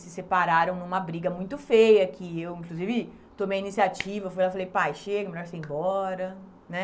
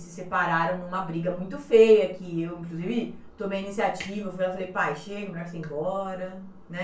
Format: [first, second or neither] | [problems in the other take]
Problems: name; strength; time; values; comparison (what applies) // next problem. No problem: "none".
first | room echo; dies away in 0.3 s